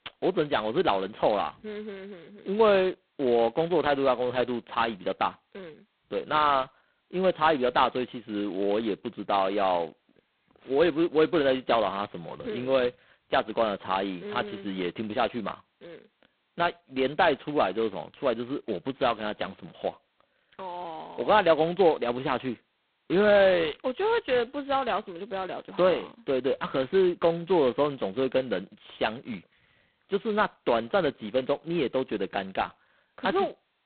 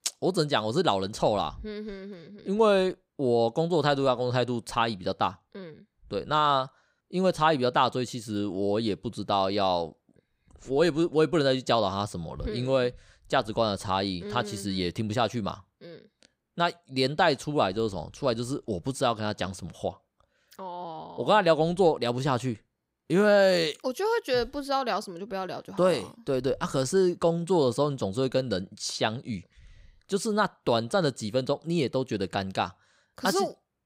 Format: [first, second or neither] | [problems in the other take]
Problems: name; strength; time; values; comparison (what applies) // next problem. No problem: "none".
second | phone-call audio; poor line; nothing above 4 kHz